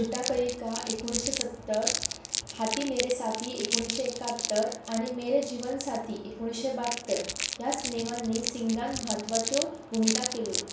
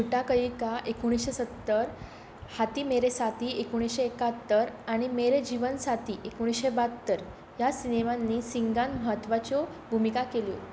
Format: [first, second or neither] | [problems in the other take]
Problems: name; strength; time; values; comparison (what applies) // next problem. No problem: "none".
second | background sound (Crumpling, crinkling); 4 dB below the speech // room echo; dies away in 0.4 s